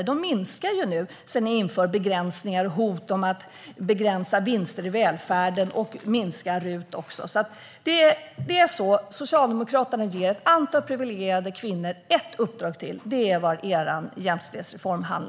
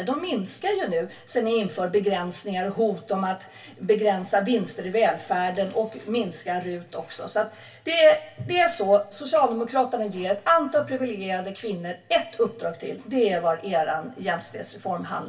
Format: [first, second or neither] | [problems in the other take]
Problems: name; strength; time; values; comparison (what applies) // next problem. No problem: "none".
first | room echo; dies away in 0.2 s